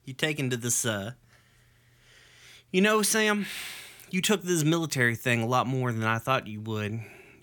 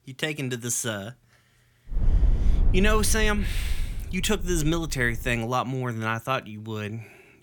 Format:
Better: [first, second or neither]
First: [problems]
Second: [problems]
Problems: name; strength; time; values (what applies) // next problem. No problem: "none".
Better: first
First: none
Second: low rumble; noticeable; from 2 to 5.5 s; 20 dB below the speech